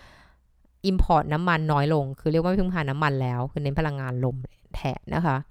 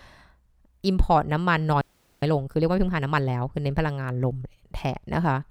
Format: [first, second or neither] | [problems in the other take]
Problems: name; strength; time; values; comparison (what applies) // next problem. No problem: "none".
first | audio freezing; at 2 s